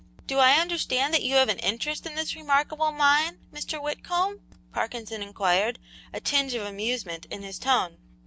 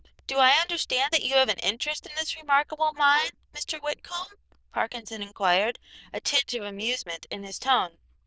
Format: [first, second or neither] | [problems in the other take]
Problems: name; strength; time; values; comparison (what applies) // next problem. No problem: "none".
first | noise reduction (neural diffusion model UNIVERSE++)